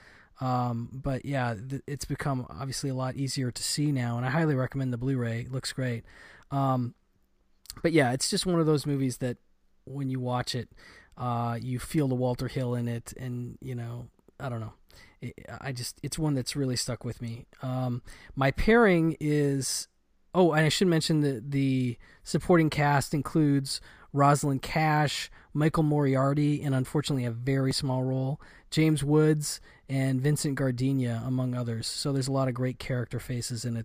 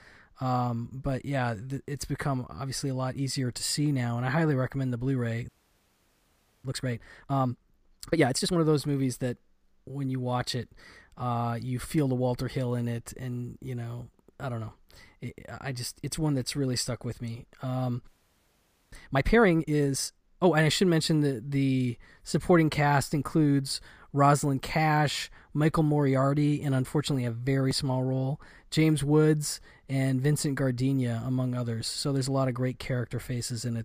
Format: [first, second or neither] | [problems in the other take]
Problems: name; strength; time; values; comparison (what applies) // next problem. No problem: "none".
first | audio freezing; at 5.5 s for 1 s and at 18 s for 1 s